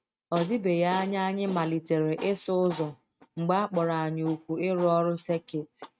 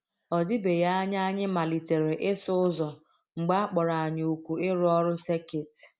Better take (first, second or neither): second